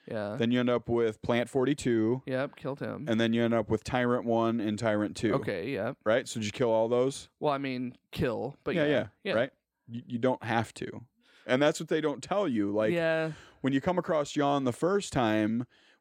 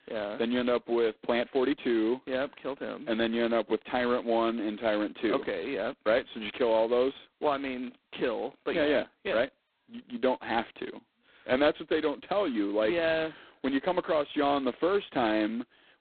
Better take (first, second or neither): first